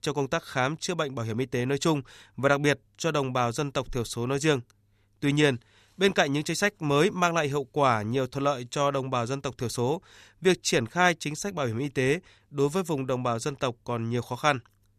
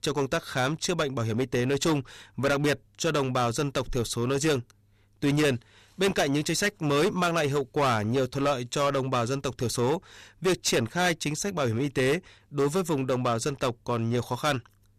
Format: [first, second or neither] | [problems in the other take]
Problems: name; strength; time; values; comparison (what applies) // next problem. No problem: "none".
first | distortion; heavy; 11% of the sound clipped